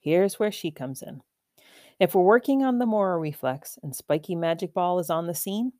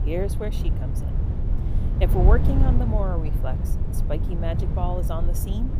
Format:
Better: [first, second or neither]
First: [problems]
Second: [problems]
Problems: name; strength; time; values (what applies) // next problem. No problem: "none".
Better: first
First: none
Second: wind noise on the microphone; heavy; 6 dB below the speech